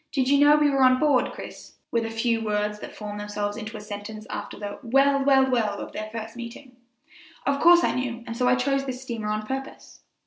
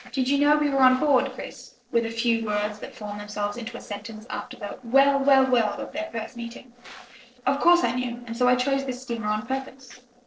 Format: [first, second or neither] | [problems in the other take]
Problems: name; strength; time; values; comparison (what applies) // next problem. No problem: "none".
first | noise reduction (neural separator model SepFormer DNS4)